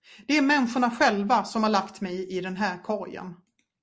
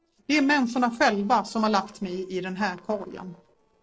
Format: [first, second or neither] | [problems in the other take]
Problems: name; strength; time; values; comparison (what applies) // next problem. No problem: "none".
first | noise reduction (neural separator model SepFormer DNS4)